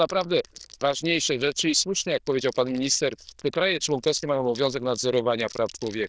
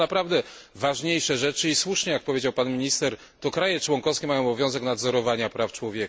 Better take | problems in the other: second | noise reduction (neural diffusion model UNIVERSE++)

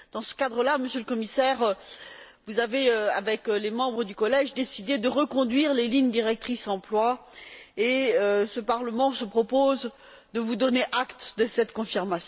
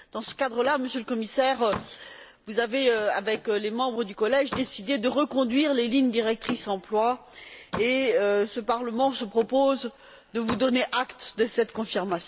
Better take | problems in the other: first | background sound (Slam); 17 dB below the speech

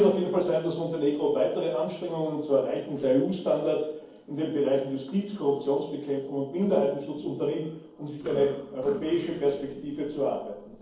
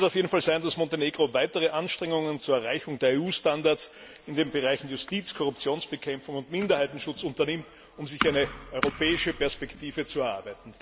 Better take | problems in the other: second | noise reduction (neural separator model SepFormer DNS4)

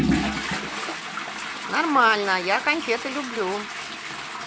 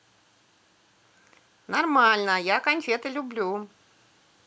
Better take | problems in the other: second | background sound (Toilet flush / Water); 3 dB below the speech

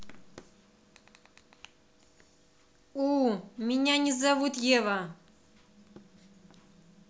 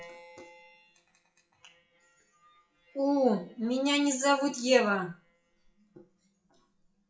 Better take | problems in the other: first | noise reduction (classical method WPE with log-MMSE)

